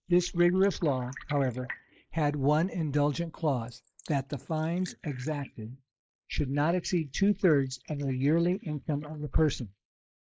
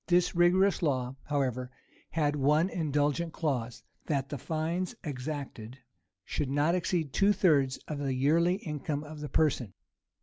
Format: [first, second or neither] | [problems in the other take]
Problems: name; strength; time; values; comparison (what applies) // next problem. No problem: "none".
second | noise reduction (neural mask model Resemble Enhance denoiser)